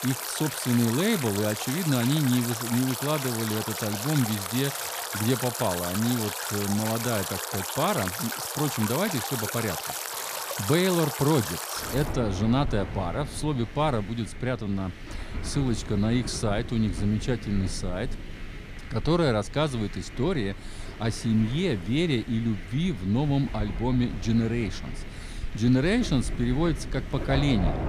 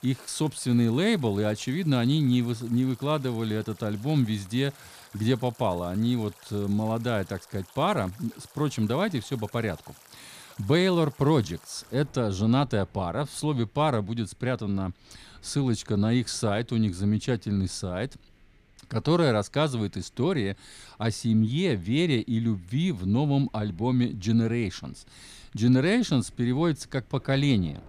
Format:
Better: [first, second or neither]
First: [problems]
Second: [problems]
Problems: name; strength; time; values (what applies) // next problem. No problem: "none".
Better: second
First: rain or running water; loud; throughout; 6 dB below the speech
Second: rain or running water; faint; throughout; 25 dB below the speech